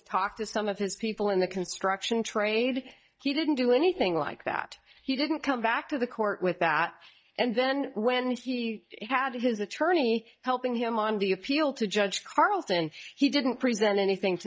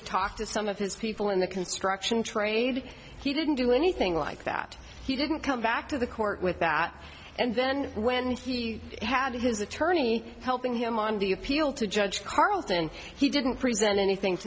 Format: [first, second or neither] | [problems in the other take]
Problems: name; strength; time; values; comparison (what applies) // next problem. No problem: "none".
second | noise reduction (neural mask model DeepFilterNet 3)